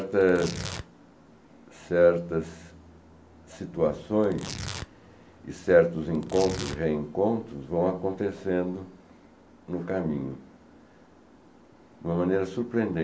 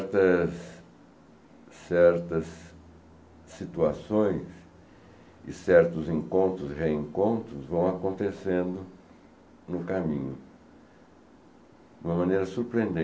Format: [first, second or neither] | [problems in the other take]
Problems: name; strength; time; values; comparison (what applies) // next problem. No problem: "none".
second | background sound (Tearing); 13 dB below the speech